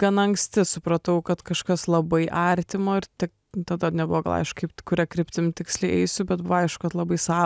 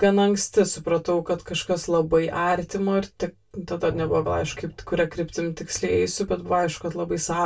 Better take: first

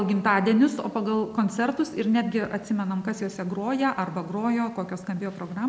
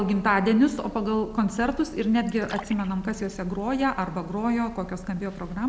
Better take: first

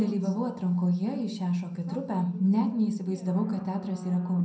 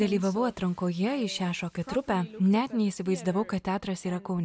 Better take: second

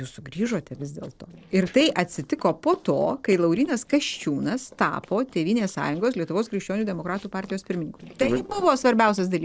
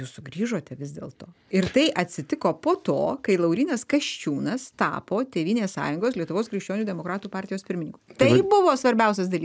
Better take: second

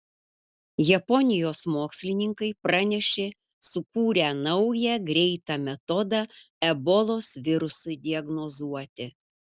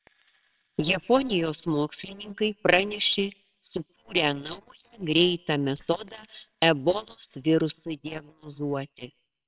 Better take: first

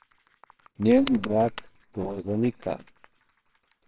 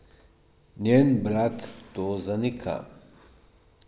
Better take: second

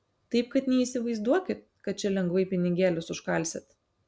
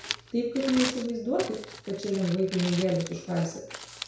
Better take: first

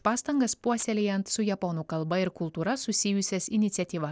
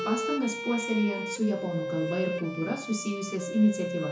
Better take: first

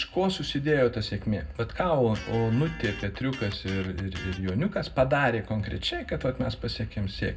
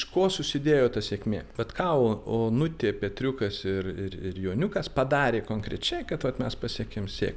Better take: second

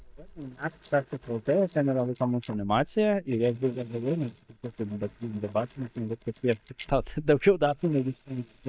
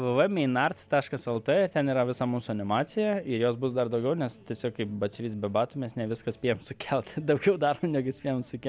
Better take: second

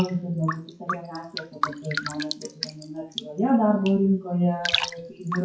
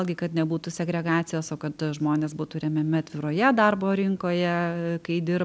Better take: second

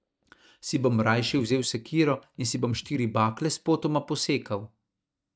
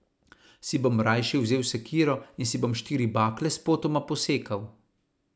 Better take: second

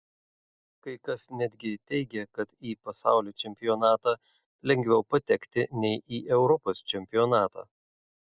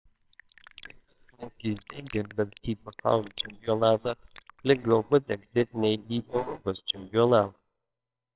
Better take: first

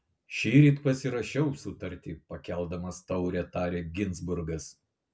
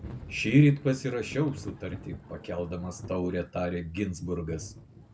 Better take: first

